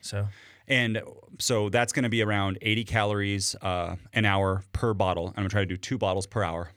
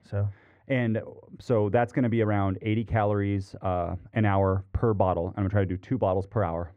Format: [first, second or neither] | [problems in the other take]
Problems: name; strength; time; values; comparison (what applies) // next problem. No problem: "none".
first | muffled; very; fading above 2.5 kHz